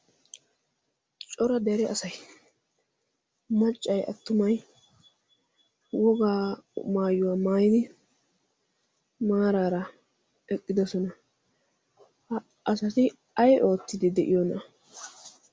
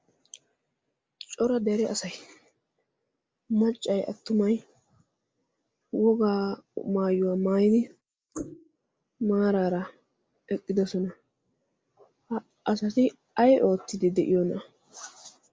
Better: first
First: none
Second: noise reduction (neural mask model Resemble Enhance denoiser)

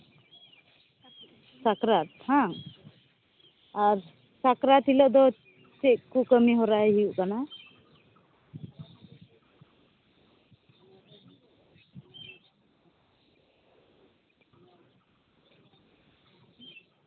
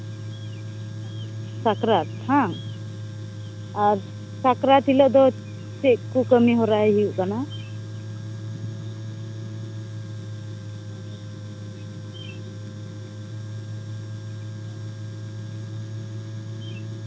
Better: first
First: none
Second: background sound (Tools); 8 dB below the speech

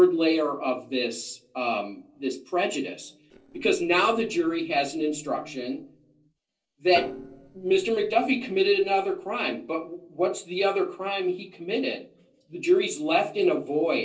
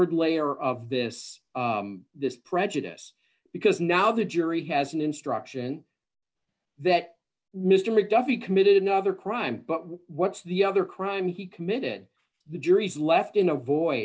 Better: second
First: noise reduction (neural separator model SepFormer DNS4)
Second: none

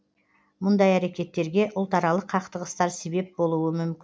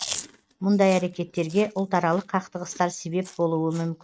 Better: first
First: none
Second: noise reduction (neural mask model RNNoise)

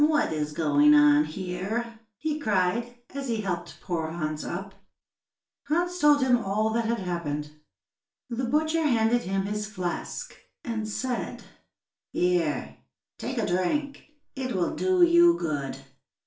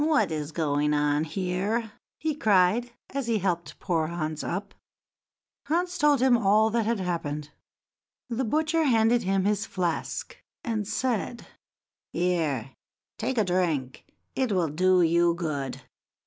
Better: second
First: room echo; dies away in 0.4 s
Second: none

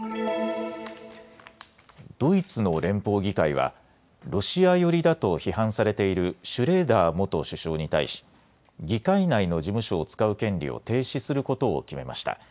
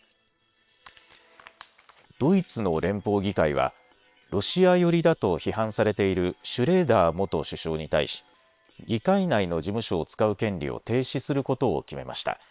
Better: first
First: none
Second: noise reduction (neural separator model SepFormer WHAM!)

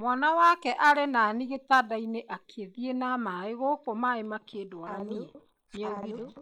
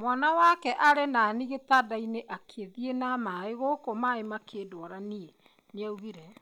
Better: second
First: noise reduction (neural mask model Resemble Enhance denoiser)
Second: none

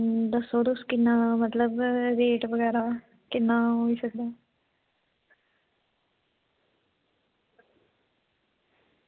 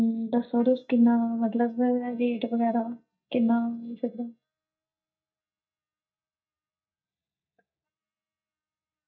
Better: first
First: none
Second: noise reduction (neural mask model DeepFilterNet 3)

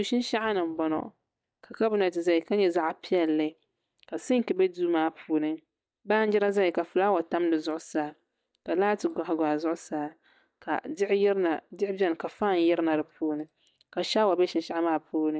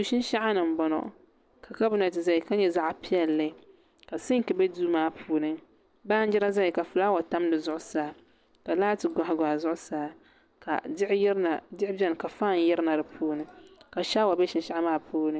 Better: second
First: noise reduction (neural mask model DeepFilterNet 3)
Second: none

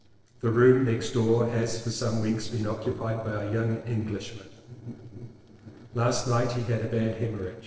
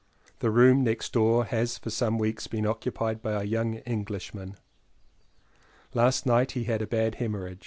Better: second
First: noise reduction (neural separator model SepFormer DNS4)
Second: none

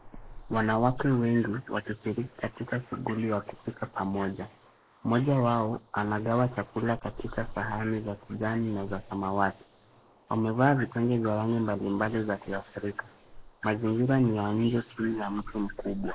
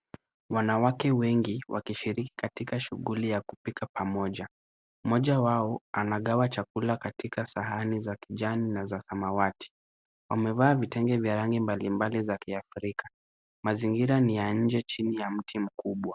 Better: second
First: noise reduction (neural mask model Resemble Enhance denoiser)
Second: none

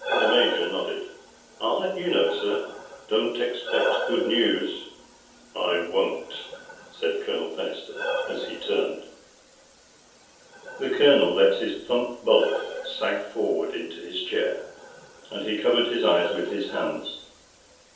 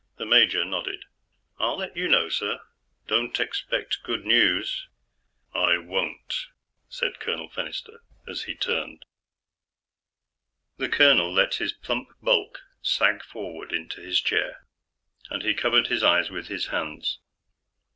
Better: second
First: background sound (Breathing); 9 dB below the speech // room echo; dies away in 0.7 s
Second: none

